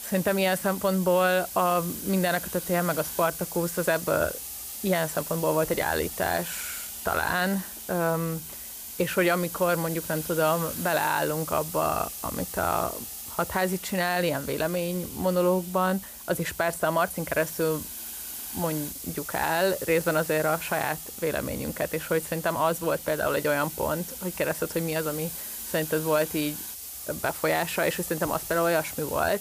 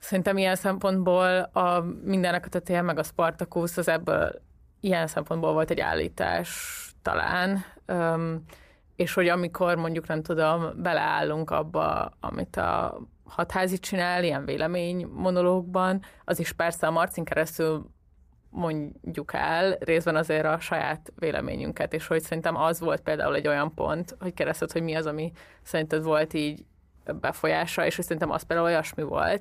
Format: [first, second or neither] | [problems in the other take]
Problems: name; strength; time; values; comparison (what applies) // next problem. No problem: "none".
second | hiss; loud; throughout; 8 dB below the speech